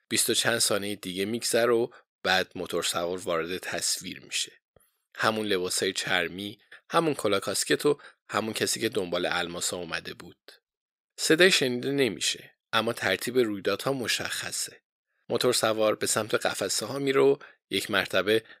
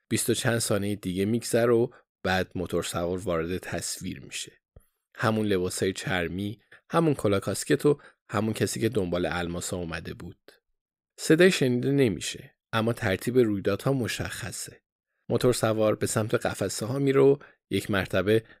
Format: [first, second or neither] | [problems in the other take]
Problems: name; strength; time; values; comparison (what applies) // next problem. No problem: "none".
second | thin; very slightly; fading below 1 kHz